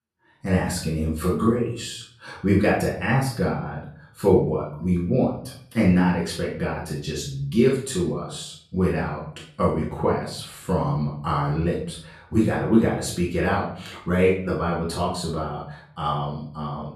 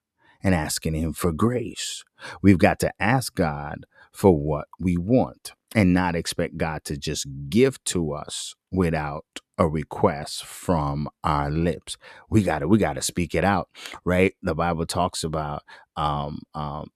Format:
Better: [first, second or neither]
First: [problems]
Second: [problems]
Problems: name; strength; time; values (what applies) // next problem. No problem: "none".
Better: second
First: off-mic speech; far // room echo; noticeable; dies away in 0.5 s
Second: none